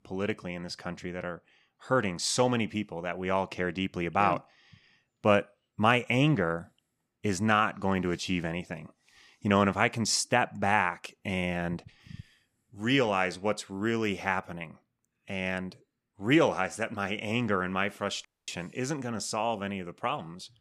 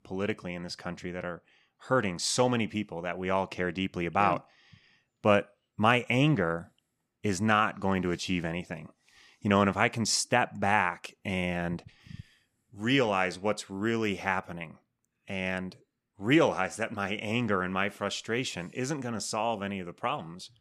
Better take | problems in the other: second | audio cutting out; at 18 s

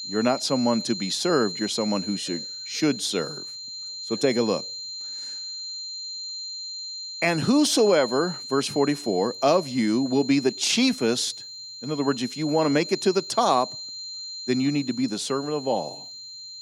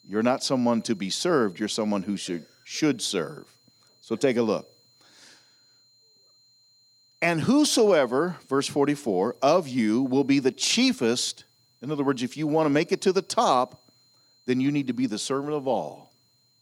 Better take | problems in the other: second | high-pitched whine; loud; throughout; 4 kHz, 9 dB below the speech; faint in the second

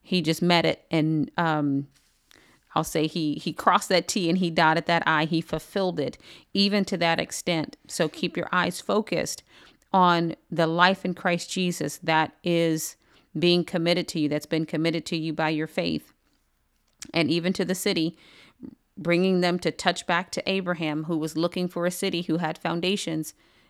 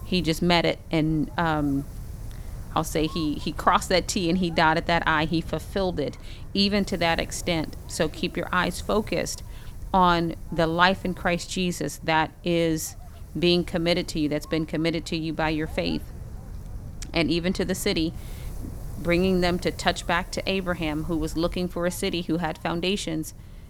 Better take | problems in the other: first | wind noise on the microphone; occasional gusts; 25 dB below the speech

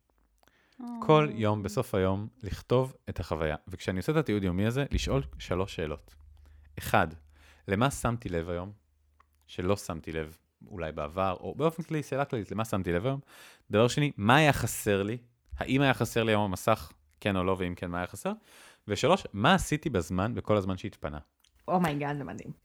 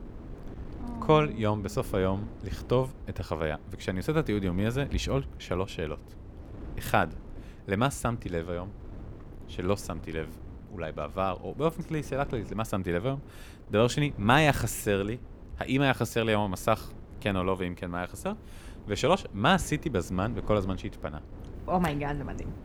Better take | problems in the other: first | wind noise on the microphone; occasional gusts; 20 dB below the speech

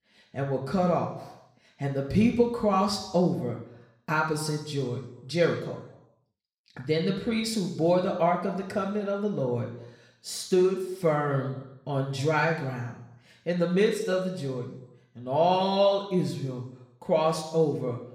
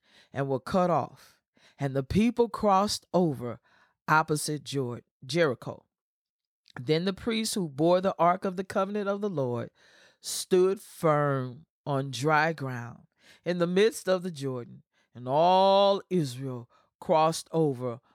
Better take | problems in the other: second | room echo; slight; dies away in 0.8 s // off-mic speech; somewhat distant

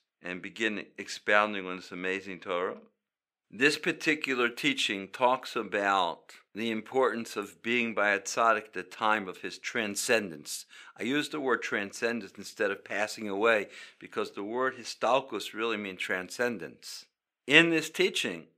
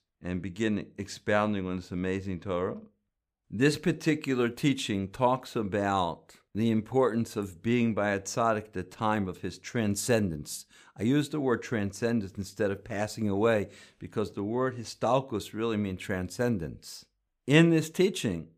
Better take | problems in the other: second | thin; somewhat; fading below 350 Hz

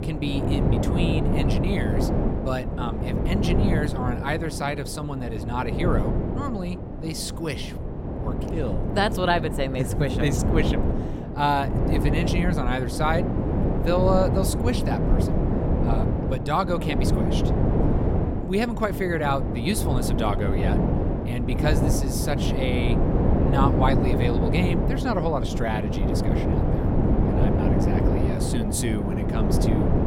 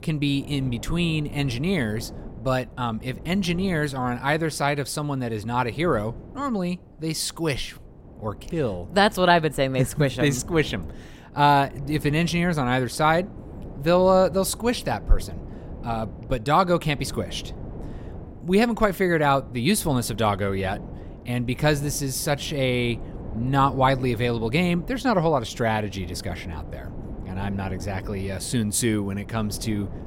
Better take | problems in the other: second | wind noise on the microphone; heavy; 2 dB below the speech; occasional gusts in the second

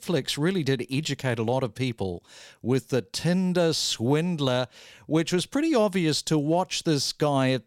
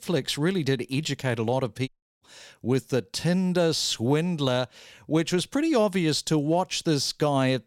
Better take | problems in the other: first | audio cutting out; at 2 s

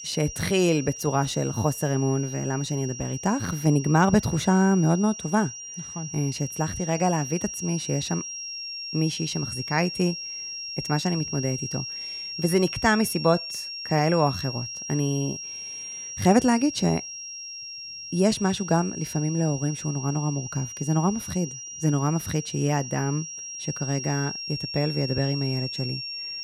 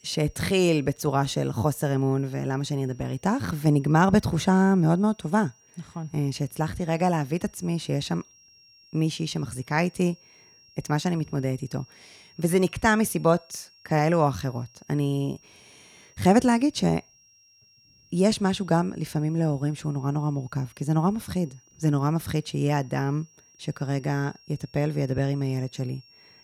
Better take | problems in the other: second | high-pitched whine; loud; throughout; 5.5 kHz, 8 dB below the speech; faint in the second

